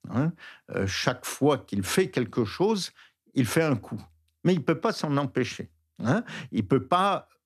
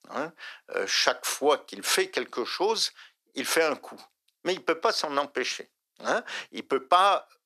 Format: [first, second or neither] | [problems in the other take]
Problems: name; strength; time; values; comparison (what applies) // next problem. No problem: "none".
first | thin; very; fading below 450 Hz